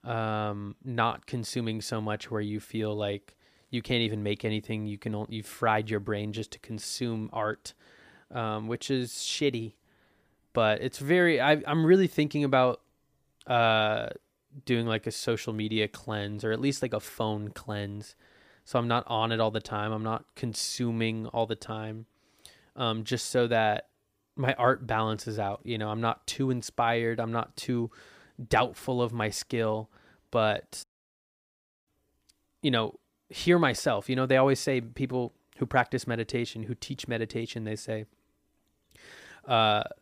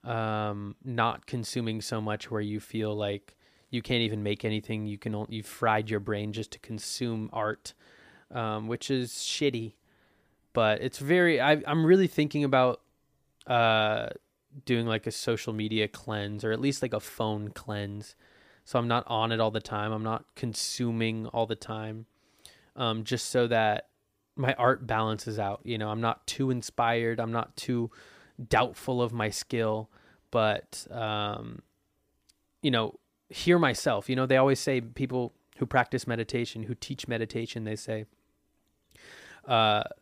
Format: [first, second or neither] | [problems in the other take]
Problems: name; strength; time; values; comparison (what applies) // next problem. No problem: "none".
second | audio cutting out; at 31 s for 1 s